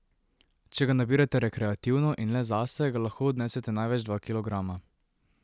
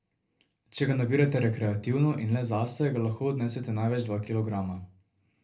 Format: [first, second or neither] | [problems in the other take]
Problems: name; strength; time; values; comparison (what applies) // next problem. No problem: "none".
first | room echo; dies away in 0.3 s